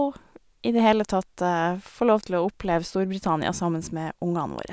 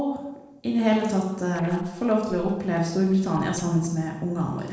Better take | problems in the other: first | noise reduction (neural separator model SepFormer DNS4)

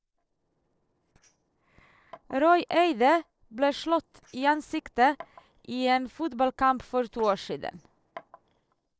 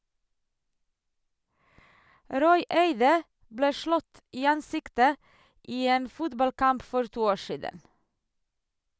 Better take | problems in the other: second | noise reduction (neural separator model SepFormer DNS4)

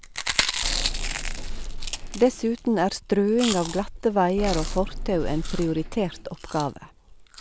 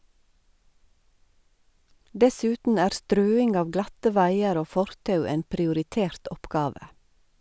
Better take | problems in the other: second | background sound (Chewing, mastication + Bus / Engine); 4 dB below the speech

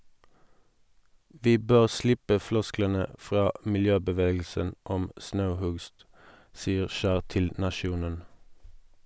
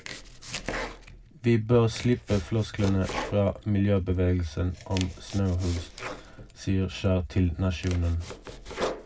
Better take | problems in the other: first | background sound (Domestic sounds, home sounds); 12 dB below the speech // room echo; dies away in 0.3 s

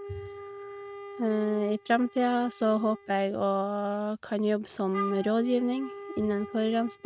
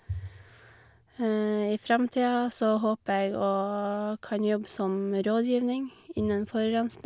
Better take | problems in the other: second | noise reduction (neural mask model RNNoise)

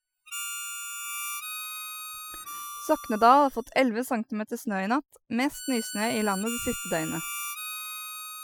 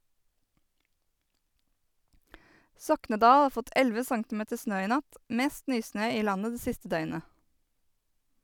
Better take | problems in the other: second | noise reduction (classical method Wiener filter)

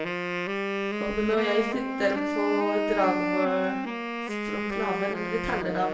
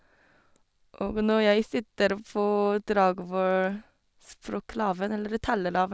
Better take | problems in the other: second | background sound (Wind instrument, woodwind instrument); as loud as the speech // room echo; dies away in 0.7 s

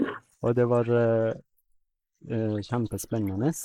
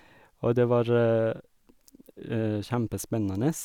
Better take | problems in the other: second | noise reduction (neural mask model Resemble Enhance denoiser)

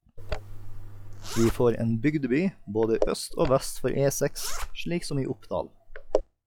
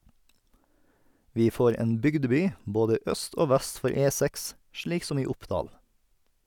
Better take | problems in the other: second | noise reduction (classical method log-MMSE)

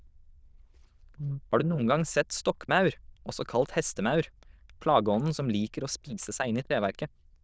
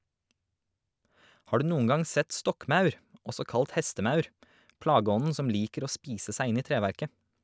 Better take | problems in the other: second | noise reduction (neural diffusion model UNIVERSE++)

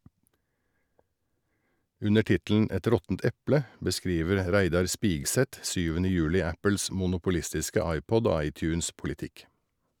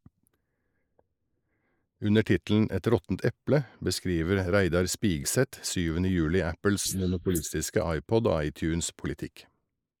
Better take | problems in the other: first | noise reduction (neural mask model Resemble Enhance denoiser)

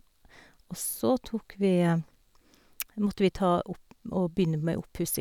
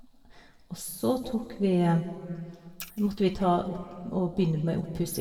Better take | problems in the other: first | room echo; dies away in 1.6 s

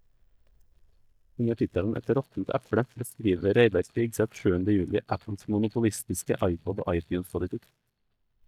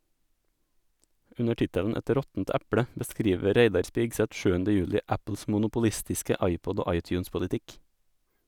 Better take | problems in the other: second | noise reduction (neural mask model DeepFilterNet 3)

